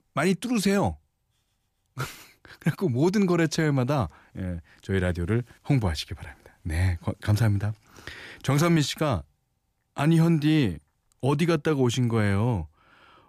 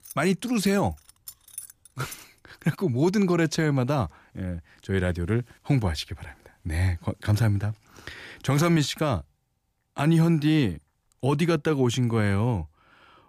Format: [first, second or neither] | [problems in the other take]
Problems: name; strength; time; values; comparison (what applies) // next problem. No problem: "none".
first | jangling keys; faint; until 2 s; peak 15 dB below the speech